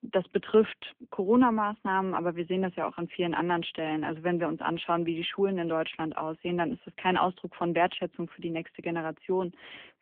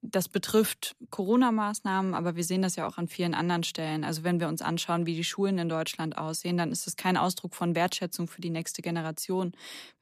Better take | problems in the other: second | phone-call audio; nothing above 3.5 kHz

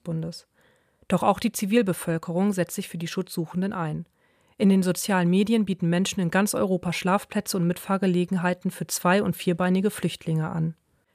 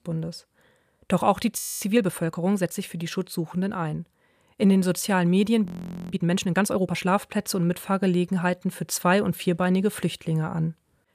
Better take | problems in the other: first | audio freezing; at 1.5 s and at 5.5 s

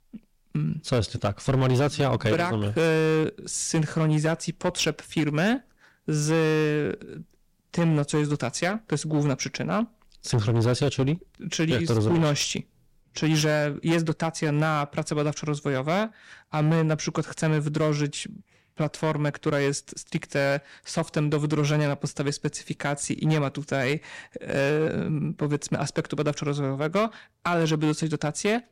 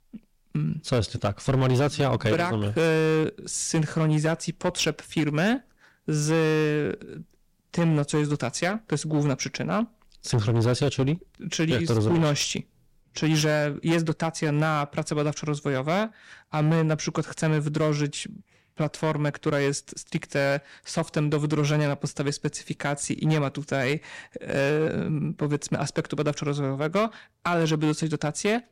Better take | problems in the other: neither | distortion; slight; 8% of the sound clipped; the same in both

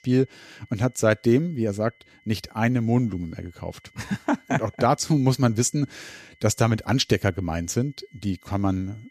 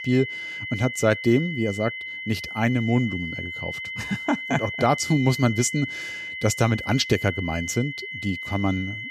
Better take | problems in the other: first | high-pitched whine; loud; throughout; 2 kHz, 7 dB below the speech; faint in the first

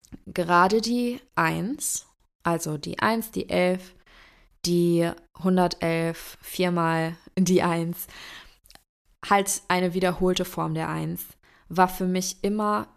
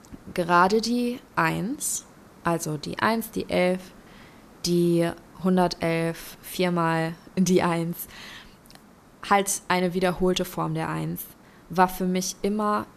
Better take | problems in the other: first | hiss; faint; throughout; 25 dB below the speech

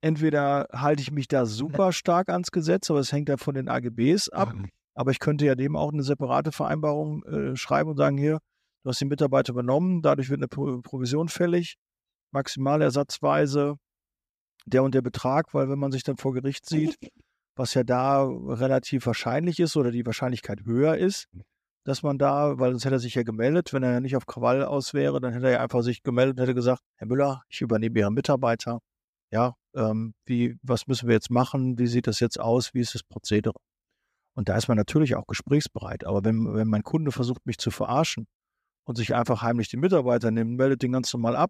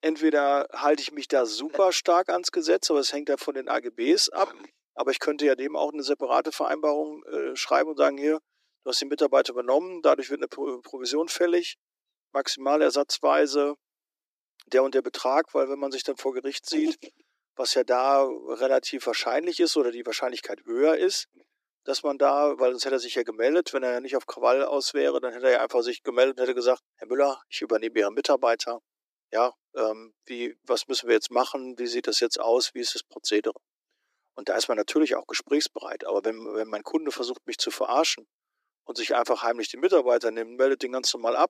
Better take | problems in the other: first | thin; somewhat; fading below 300 Hz

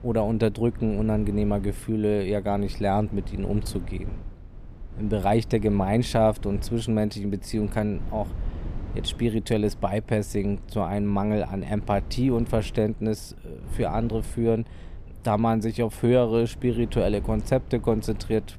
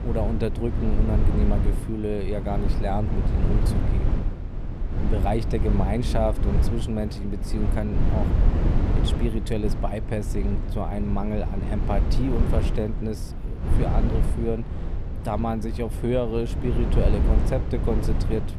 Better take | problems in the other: first | low rumble; loud; throughout; 5 dB below the speech; faint in the first

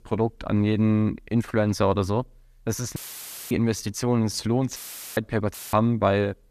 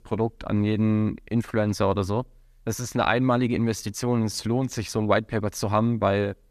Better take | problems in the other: second | audio cutting out; filled with static; at 3 s for 0.5 s, at 5 s and at 5.5 s

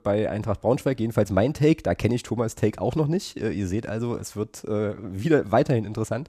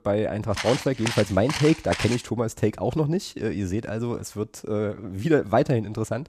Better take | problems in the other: first | footsteps; noticeable; from 0.5 to 2 s; peak 5 dB below the speech

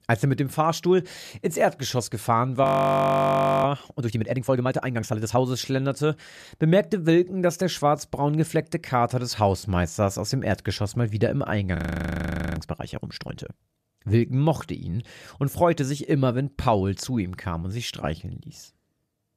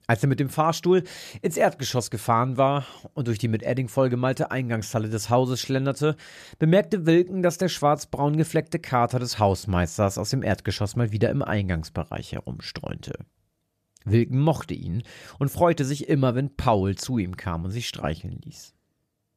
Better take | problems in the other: second | audio freezing; at 2.5 s for 1 s and at 12 s for 1 s

